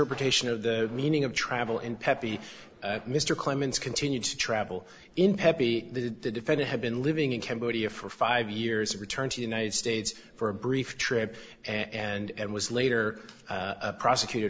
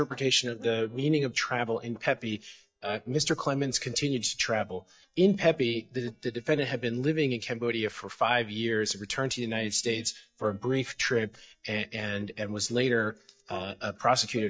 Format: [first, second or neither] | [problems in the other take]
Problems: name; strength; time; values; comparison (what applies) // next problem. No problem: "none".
first | noise reduction (neural mask model DeepFilterNet 3)